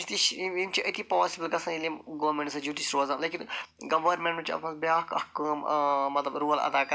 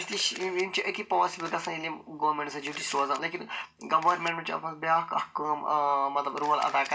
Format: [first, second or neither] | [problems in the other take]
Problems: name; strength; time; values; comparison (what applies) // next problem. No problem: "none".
first | background sound (Camera); 19 dB below the speech // room echo; dies away in 0.2 s